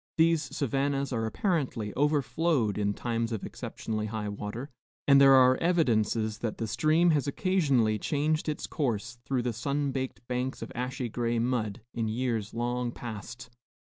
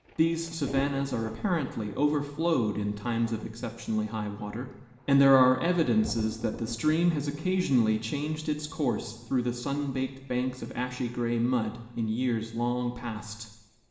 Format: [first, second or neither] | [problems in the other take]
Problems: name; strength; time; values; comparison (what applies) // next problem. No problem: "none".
first | background sound (Thunder); 20 dB below the speech // room echo; dies away in 0.9 s